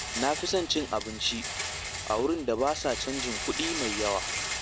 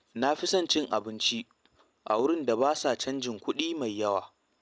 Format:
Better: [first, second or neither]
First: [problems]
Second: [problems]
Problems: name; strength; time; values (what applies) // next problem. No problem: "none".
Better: second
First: background sound (Rattle); 4 dB below the speech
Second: none